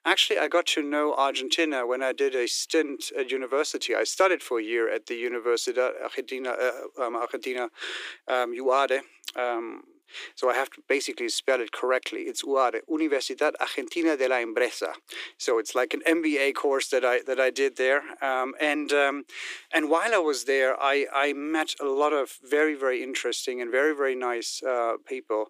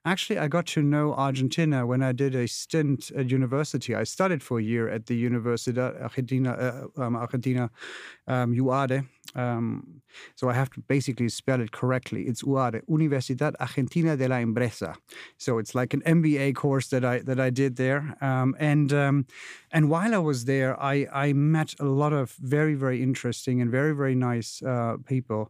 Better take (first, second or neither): second